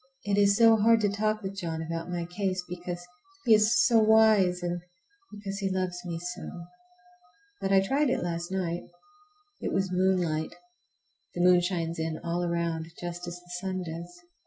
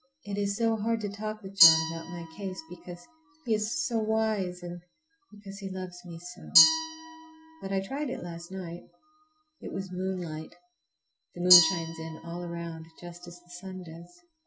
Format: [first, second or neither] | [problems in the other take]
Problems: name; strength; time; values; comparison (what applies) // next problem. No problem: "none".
first | background sound (Glass); as loud as the speech